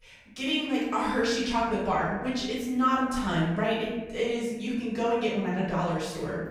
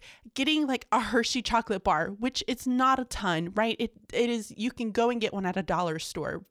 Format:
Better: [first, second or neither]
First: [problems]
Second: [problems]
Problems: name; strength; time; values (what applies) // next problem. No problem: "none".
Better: second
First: room echo; noticeable; dies away in 1.1 s // off-mic speech; far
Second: none